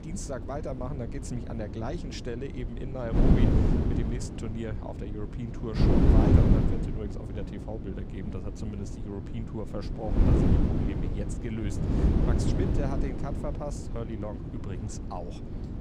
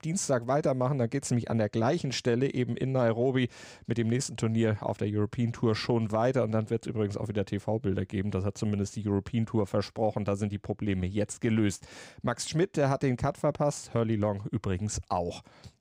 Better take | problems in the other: second | wind noise on the microphone; heavy; 3 dB above the speech

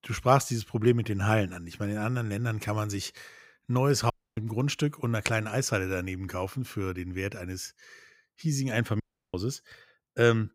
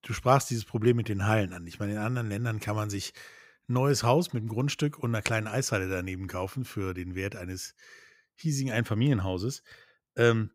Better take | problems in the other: second | audio cutting out; at 4 s and at 9 s

